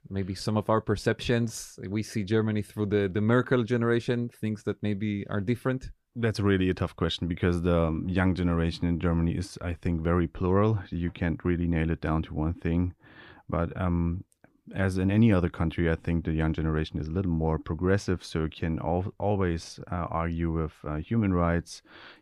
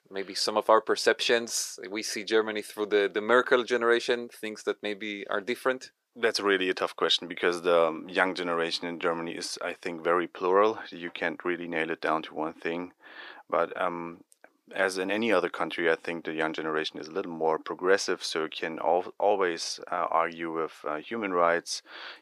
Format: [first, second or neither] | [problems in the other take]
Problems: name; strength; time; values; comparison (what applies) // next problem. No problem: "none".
first | thin; very; fading below 450 Hz